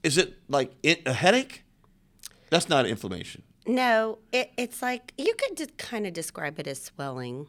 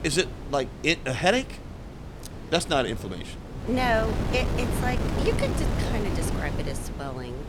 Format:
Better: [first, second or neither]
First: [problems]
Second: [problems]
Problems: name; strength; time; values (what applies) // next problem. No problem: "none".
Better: first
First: none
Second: wind noise on the microphone; heavy; 9 dB below the speech